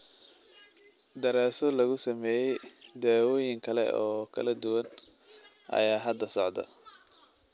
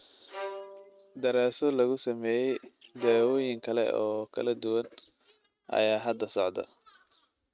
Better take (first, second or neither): first